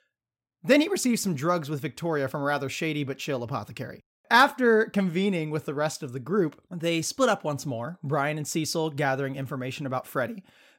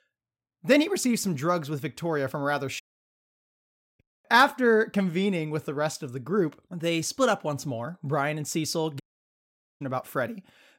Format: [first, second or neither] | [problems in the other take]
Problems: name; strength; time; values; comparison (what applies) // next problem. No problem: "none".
first | audio cutting out; at 3 s for 1 s and at 9 s for 1 s